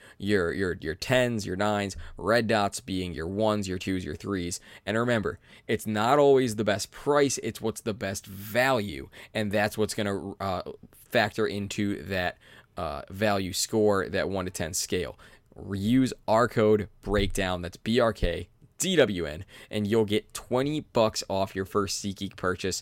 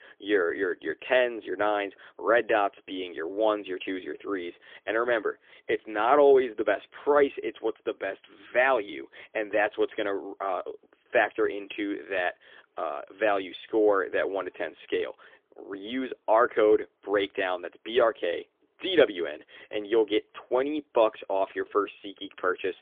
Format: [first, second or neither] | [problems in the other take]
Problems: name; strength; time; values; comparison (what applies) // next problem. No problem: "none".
first | phone-call audio; poor line; nothing above 3.5 kHz